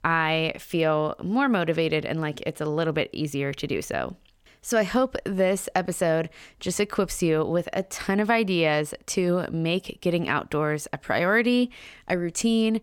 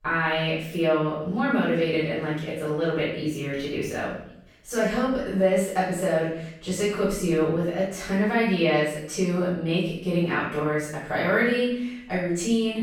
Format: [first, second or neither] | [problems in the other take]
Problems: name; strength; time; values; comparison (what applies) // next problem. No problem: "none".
first | off-mic speech; far // room echo; noticeable; dies away in 0.6 s